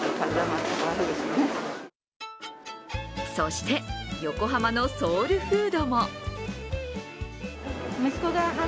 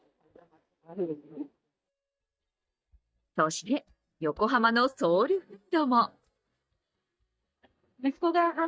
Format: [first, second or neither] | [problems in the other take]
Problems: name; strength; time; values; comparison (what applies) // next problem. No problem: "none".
first | noise reduction (neural mask model DeepFilterNet 3)